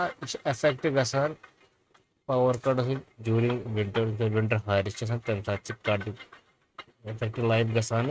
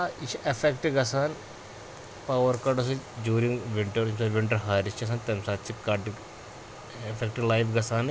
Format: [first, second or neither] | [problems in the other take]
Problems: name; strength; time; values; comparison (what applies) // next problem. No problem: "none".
second | noise reduction (neural mask model RNNoise)